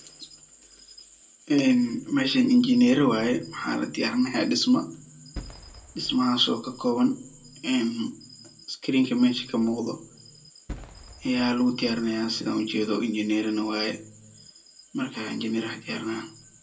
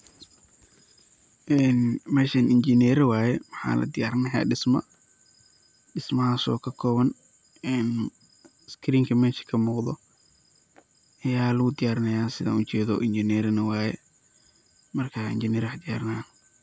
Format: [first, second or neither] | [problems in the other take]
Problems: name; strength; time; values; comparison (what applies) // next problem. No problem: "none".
second | background sound (Fireworks); 17 dB below the speech // room echo; dies away in 0.2 s